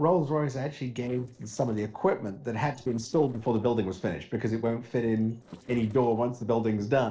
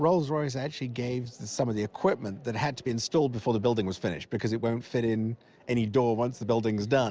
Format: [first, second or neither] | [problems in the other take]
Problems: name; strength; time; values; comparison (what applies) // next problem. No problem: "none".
second | noise reduction (neural separator model SepFormer DNS4)